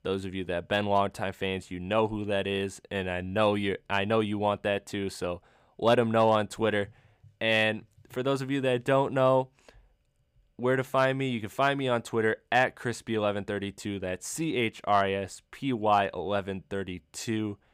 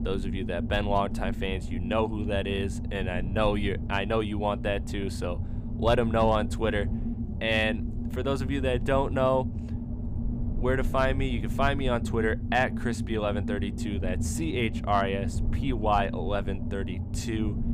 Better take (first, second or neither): first